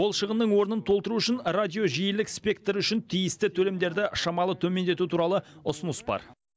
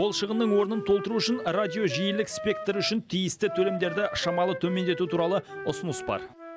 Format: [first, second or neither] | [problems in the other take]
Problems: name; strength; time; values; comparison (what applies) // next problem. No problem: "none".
first | background sound (Wind instrument, woodwind instrument); 9 dB below the speech